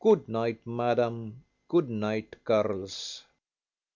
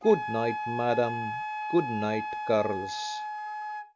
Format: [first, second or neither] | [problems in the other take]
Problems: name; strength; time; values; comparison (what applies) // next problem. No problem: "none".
first | background sound (Wind instrument, woodwind instrument); 5 dB below the speech